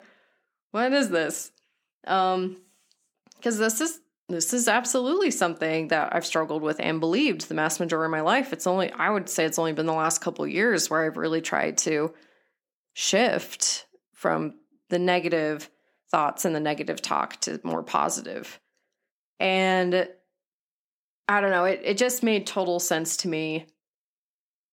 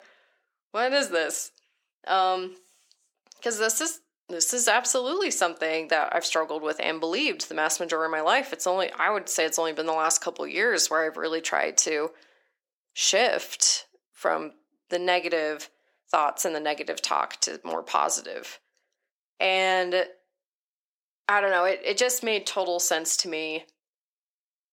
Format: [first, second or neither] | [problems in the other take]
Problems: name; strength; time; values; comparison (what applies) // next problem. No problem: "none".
first | thin; somewhat; fading below 500 Hz